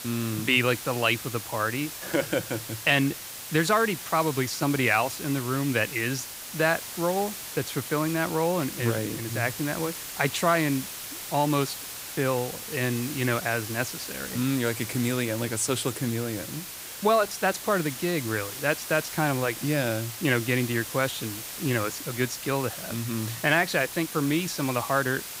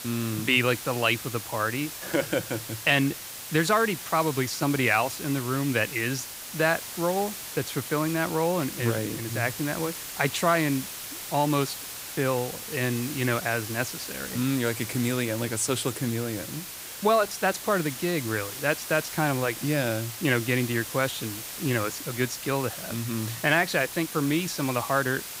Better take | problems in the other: neither | hiss; loud; throughout; 8 dB below the speech; the same in both

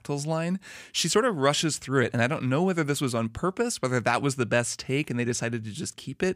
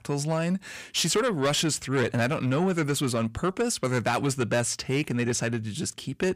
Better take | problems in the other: first | distortion; slight; 10 dB below the speech

